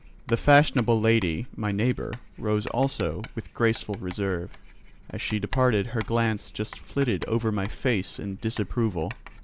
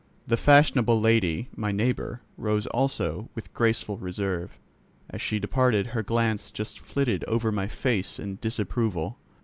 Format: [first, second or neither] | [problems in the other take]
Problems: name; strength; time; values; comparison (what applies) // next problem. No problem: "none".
second | background sound (Writing); 16 dB below the speech